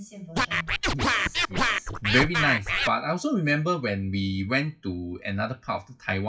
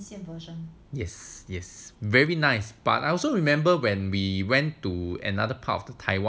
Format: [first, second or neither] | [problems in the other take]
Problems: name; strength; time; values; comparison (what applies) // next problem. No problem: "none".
second | noise reduction (classical method WPE with log-MMSE)